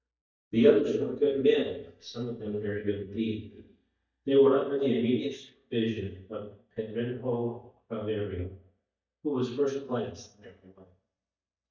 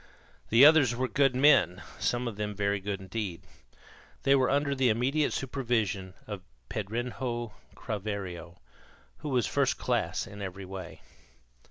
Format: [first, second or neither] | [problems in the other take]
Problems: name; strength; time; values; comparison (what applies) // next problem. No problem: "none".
second | noise reduction (neural mask model DeepFilterNet 3)